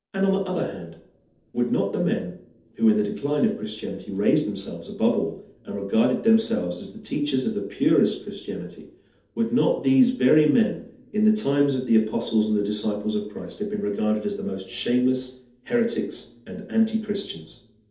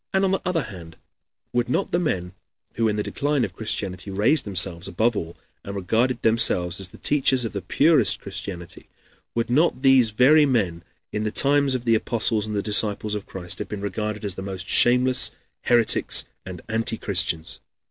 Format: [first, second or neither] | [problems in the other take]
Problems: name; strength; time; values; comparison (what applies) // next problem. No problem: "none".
second | room echo; dies away in 0.6 s